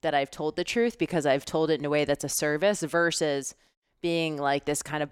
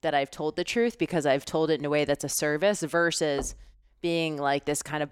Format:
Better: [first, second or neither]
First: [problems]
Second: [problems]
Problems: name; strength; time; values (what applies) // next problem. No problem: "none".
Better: first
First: none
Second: door banging; faint; at 3.5 s; peak 15 dB below the speech